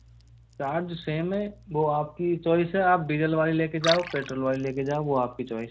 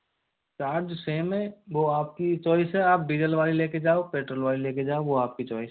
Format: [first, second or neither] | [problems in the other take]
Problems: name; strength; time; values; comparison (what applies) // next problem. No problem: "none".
second | background sound (Liquid); 15 dB below the speech